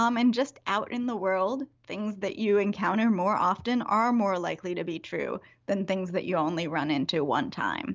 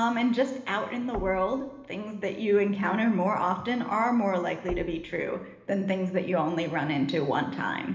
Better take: first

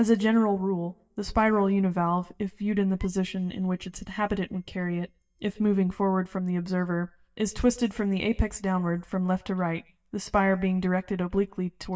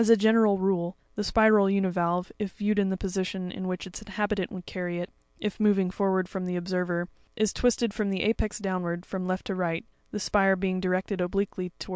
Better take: second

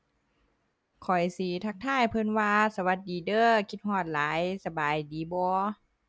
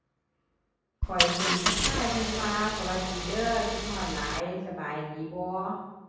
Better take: first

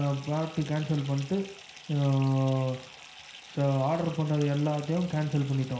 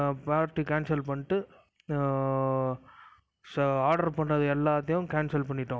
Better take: second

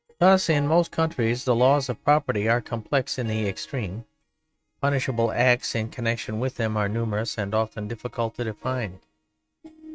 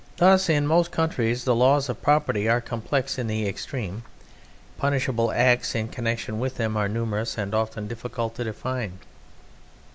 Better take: second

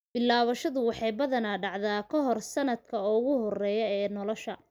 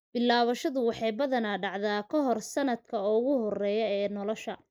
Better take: first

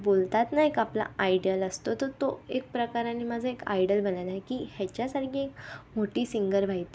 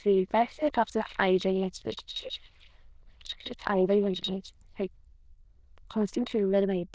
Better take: first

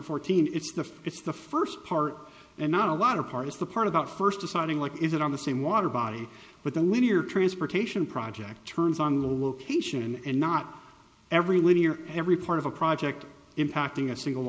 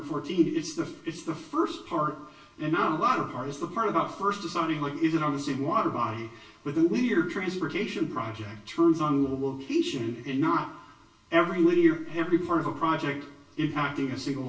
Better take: first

